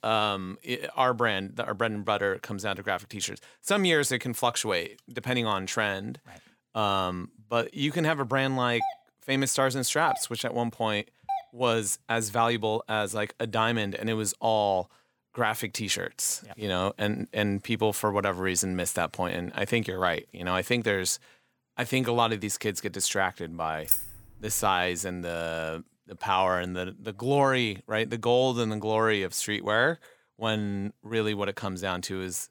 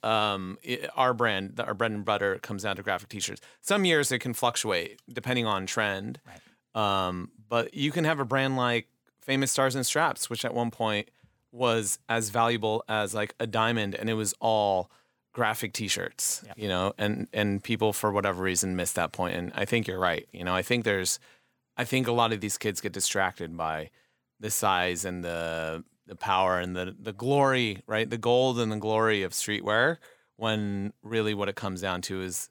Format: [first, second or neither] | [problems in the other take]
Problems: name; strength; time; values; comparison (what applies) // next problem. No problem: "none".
second | doorbell; noticeable; from 9 to 11 s; peak 6 dB below the speech // jangling keys; loud; at 24 s; peak 3 dB above the speech